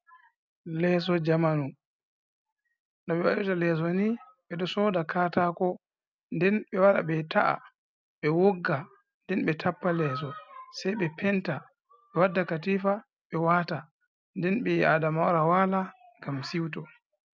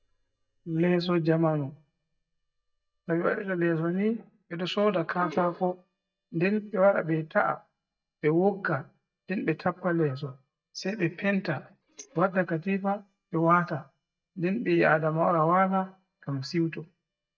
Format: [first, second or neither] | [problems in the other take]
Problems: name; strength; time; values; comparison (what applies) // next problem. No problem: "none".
first | noise reduction (neural mask model DeepFilterNet 3)